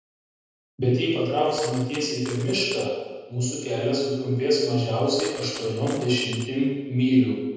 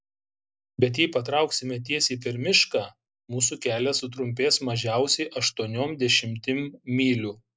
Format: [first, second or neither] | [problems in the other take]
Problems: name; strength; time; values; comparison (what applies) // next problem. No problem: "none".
second | background sound (Coin (dropping)); 18 dB below the speech // room echo; dies away in 1.2 s